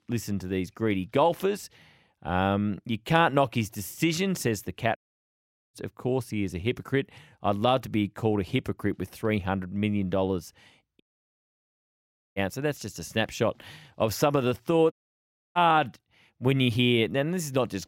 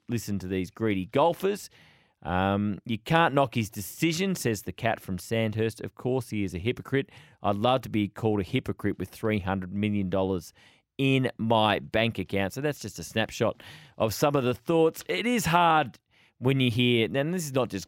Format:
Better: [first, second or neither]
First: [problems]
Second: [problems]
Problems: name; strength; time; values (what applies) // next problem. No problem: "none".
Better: second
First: audio cutting out; at 5 s for 1 s, at 11 s for 1.5 s and at 15 s for 0.5 s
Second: none